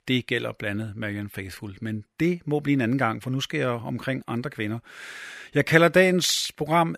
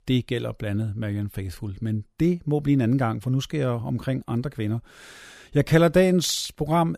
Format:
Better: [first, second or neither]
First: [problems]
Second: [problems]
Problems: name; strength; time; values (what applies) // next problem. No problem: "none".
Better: second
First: thin; very slightly; fading below 450 Hz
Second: none